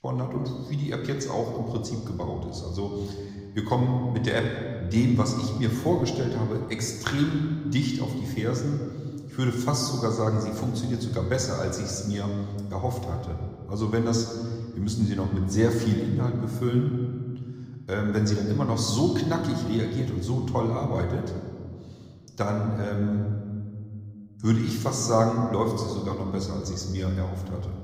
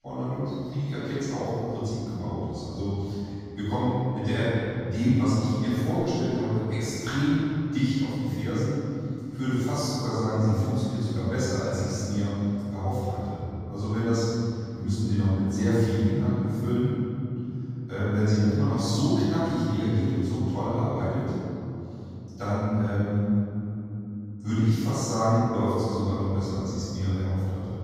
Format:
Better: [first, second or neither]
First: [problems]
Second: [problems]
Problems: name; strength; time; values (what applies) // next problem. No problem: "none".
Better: first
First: room echo; slight; dies away in 1.7 s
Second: room echo; strong; dies away in 3 s // off-mic speech; far